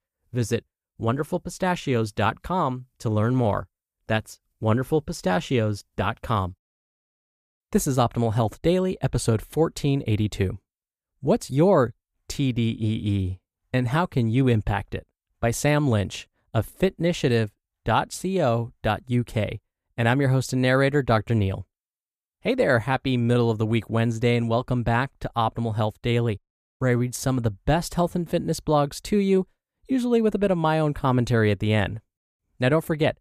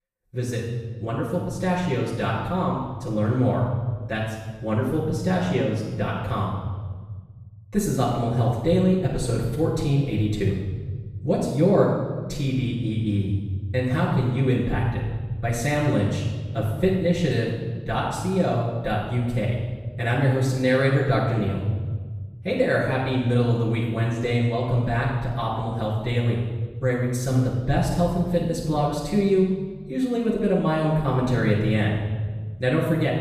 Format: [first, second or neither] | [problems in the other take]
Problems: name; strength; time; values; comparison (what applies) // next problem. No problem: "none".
first | off-mic speech; far // room echo; noticeable; dies away in 1.6 s